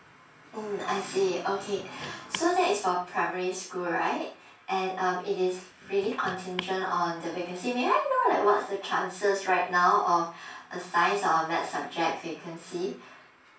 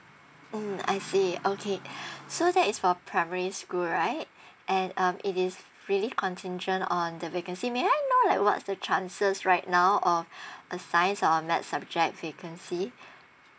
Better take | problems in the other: second | background sound (Car); 17 dB below the speech // room echo; dies away in 0.3 s

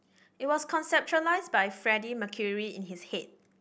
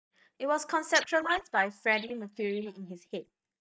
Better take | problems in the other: first | noise reduction (neural mask model DeepFilterNet 3)

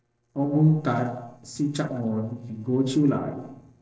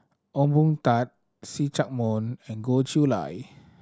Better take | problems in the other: second | noise reduction (neural separator model SepFormer DNS4)

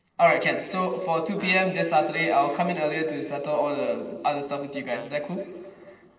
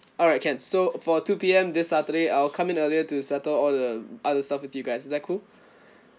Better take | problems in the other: second | noise reduction (neural separator model SepFormer DNS4)

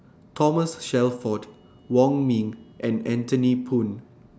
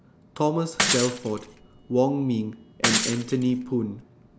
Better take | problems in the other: first | background sound (Shatter / Crushing); 2 dB below the speech

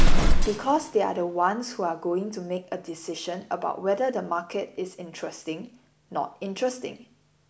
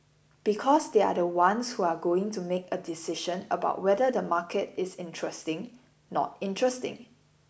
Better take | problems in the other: second | background sound (Explosion); 4 dB above the speech

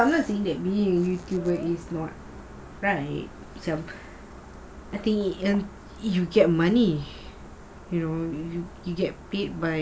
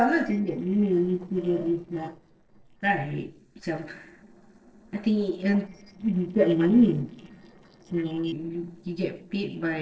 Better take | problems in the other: first | noise reduction (neural separator model SepFormer DNS4)

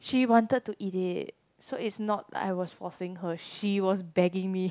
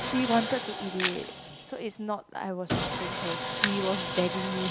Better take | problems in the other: first | background sound (Camera + Sawing); 2 dB below the speech

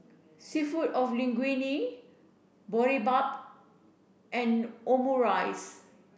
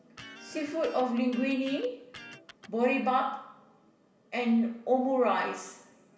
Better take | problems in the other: first | background sound (Electric guitar); 18 dB below the speech // room echo; dies away in 0.7 s

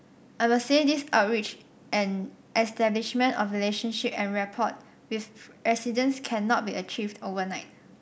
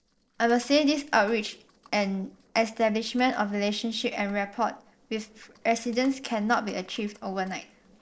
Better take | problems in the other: first | noise reduction (neural separator model SepFormer DNS4)

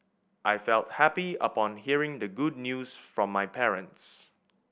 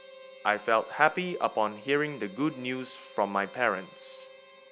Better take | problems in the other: first | background sound (Harmonica); 19 dB below the speech

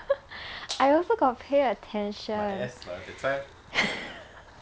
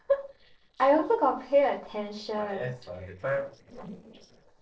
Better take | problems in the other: first | noise reduction (neural separator model SepFormer DNS4)

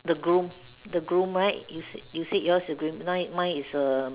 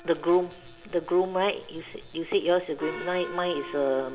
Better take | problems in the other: first | background sound (Gong); 14 dB below the speech // room echo; dies away in 0.5 s

